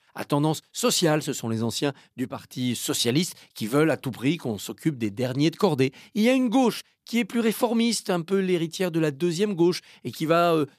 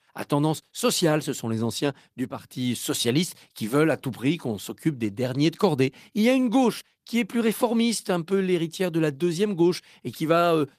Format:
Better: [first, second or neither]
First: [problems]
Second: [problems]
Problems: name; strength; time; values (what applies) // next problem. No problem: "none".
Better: first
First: none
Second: garbled, watery; slightly; nothing above 14.5 kHz